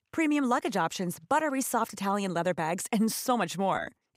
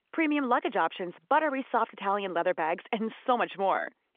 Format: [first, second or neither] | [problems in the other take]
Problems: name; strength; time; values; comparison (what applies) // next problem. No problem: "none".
first | phone-call audio; nothing above 3.5 kHz